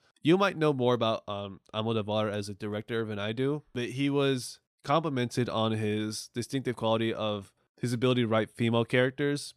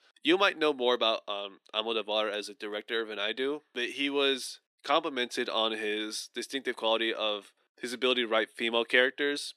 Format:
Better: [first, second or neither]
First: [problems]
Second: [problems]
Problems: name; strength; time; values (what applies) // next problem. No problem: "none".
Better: first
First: none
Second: thin; somewhat; fading below 300 Hz